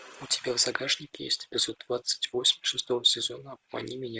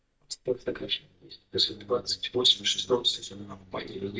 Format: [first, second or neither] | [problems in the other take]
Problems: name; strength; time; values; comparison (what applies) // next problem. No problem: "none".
first | noise reduction (neural mask model DeepFilterNet 3)